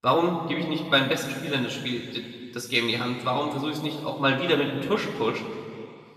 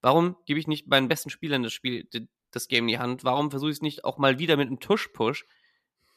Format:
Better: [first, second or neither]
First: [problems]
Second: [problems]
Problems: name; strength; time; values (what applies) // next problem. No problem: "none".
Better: second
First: room echo; noticeable; dies away in 2.1 s // off-mic speech; far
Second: none